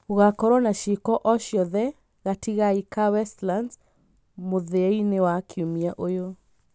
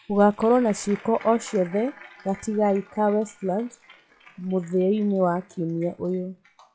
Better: first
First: none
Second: noise reduction (classical method log-MMSE)

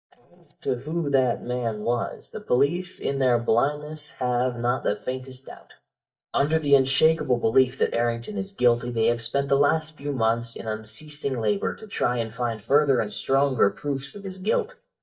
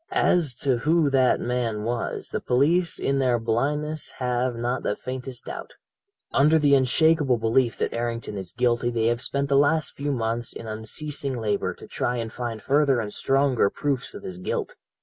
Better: second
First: noise reduction (neural mask model DeepFilterNet 3)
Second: none

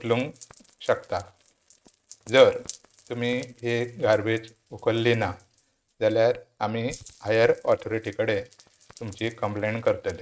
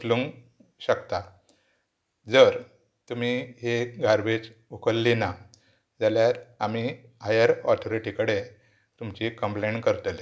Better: second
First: noise reduction (neural mask model RNNoise)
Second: none

